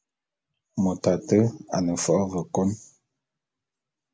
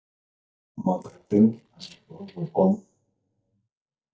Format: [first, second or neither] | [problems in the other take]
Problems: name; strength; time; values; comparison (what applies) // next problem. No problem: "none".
first | noise reduction (neural mask model DeepFilterNet 3)